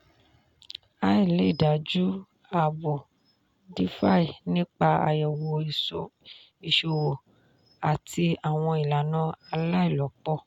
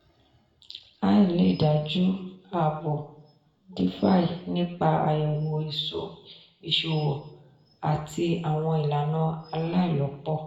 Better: first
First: none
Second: room echo; dies away in 0.7 s

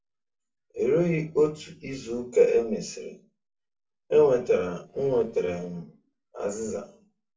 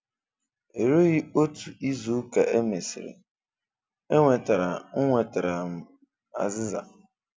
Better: second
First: noise reduction (neural separator model SepFormer DNS4)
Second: none

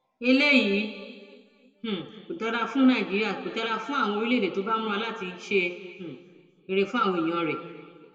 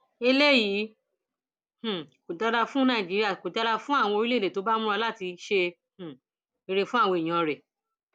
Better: second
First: room echo; dies away in 1.7 s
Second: none

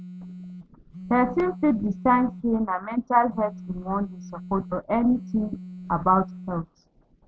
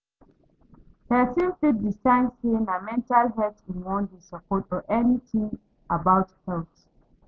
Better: second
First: background sound (Telephone); 15 dB below the speech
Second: none

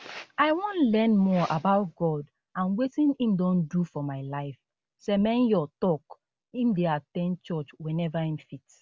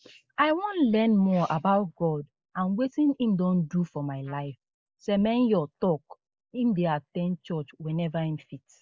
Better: first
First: none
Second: noise reduction (neural mask model Resemble Enhance denoiser)

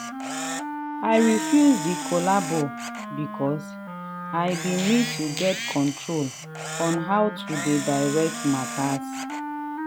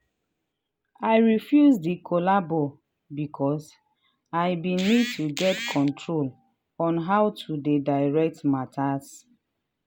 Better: second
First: background sound (Camera + Wind instrument, woodwind instrument); 7 dB below the speech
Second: none

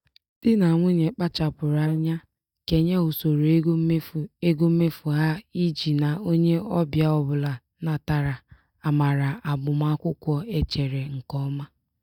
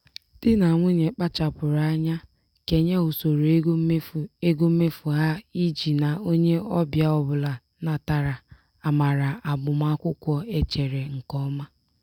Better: second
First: noise reduction (neural mask model DeepFilterNet 3)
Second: none

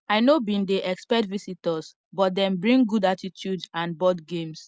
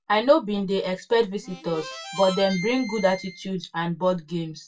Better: first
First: none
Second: background sound (Harmonica); 13 dB below the speech // room echo; dies away in 0.1 s

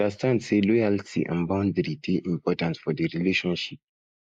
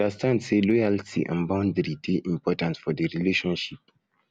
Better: second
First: noise reduction (neural mask model Resemble Enhance denoiser)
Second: none

